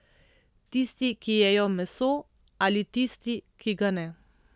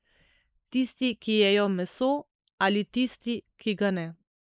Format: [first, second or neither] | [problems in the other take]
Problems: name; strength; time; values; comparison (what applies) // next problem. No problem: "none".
first | noise reduction (neural mask model Resemble Enhance denoiser)